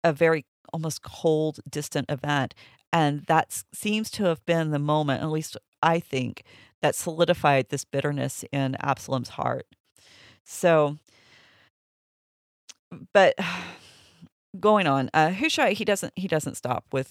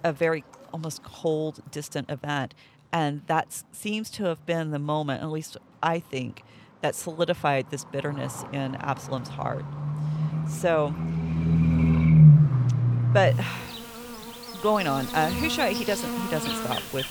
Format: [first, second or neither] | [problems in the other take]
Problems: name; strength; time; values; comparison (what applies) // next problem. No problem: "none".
first | animal sounds; very loud; throughout; 5 dB above the speech